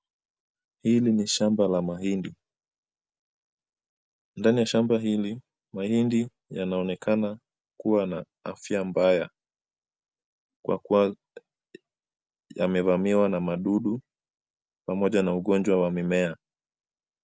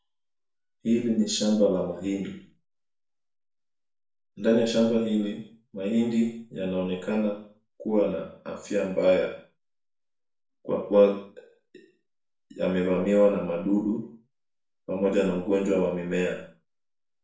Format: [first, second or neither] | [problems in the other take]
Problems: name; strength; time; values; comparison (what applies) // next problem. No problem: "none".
first | room echo; dies away in 0.5 s